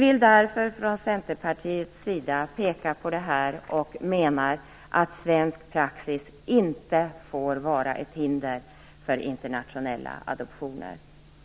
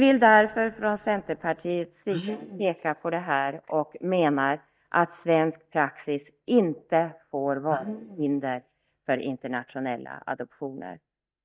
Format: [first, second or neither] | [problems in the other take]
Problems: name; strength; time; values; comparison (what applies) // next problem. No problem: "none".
first | noise reduction (neural mask model DeepFilterNet 3)